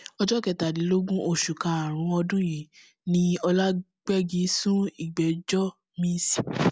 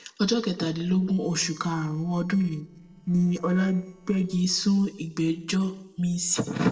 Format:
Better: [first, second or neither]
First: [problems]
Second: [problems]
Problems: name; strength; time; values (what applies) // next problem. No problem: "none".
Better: first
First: none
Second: noise reduction (neural separator model SepFormer DNS4)